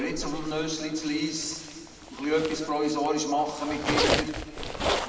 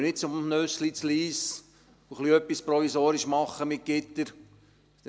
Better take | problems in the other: second | background sound (Zipper (clothing)); 2 dB below the speech // room echo; dies away in 2.1 s

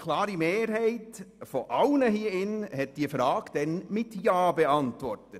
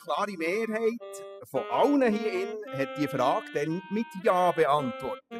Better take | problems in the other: first | noise reduction (classical method spectral subtraction)

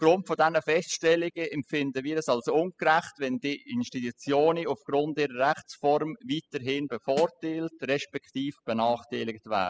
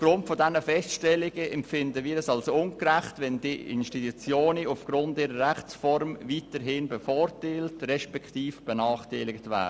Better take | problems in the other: second | noise reduction (classical method spectral subtraction)

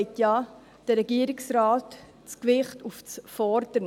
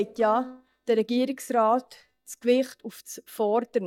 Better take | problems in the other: first | noise reduction (neural mask model DeepFilterNet 3)

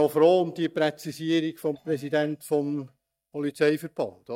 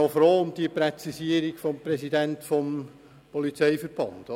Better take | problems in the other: second | noise reduction (neural mask model DeepFilterNet 3)

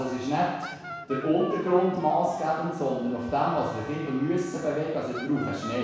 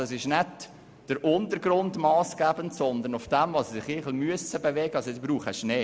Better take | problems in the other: second | background sound (Wind instrument, woodwind instrument); 15 dB below the speech // room echo; dies away in 1.1 s

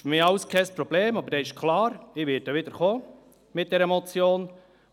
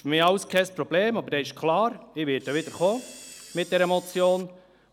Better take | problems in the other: first | background sound (Camera); 20 dB below the speech

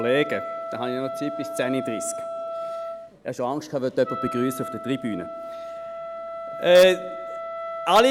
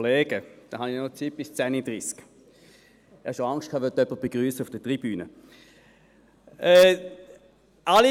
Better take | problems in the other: second | background sound (Wind instrument, woodwind instrument); 8 dB below the speech

